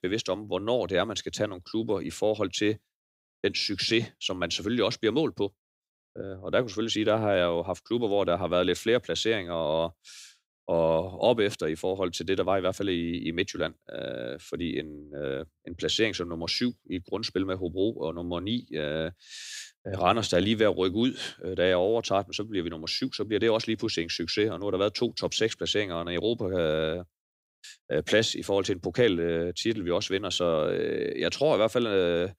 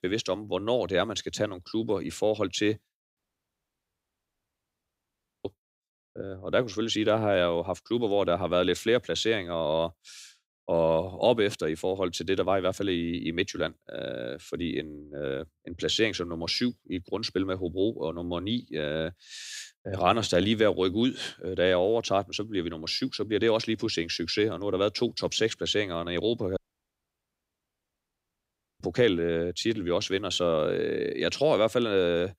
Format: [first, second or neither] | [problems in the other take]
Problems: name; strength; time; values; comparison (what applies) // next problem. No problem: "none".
first | audio cutting out; at 3 s for 2.5 s and at 27 s for 2 s